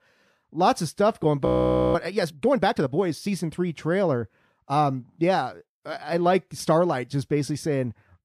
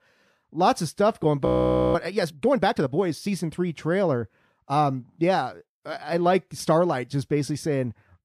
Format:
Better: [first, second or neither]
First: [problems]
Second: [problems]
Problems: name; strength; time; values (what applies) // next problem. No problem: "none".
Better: neither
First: audio freezing; at 1.5 s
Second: audio freezing; at 1.5 s